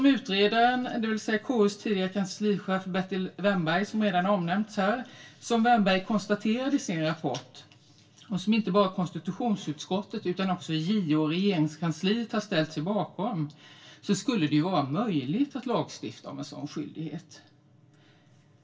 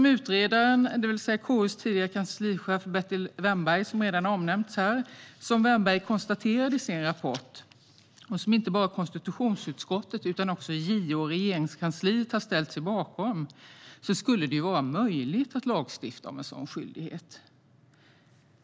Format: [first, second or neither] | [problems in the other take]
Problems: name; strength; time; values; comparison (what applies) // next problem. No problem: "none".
second | room echo; dies away in 0.2 s